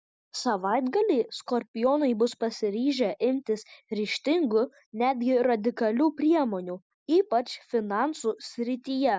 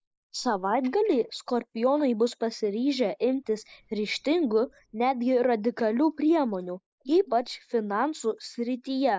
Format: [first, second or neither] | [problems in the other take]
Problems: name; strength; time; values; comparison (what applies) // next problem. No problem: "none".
first | noise reduction (neural mask model Resemble Enhance denoiser)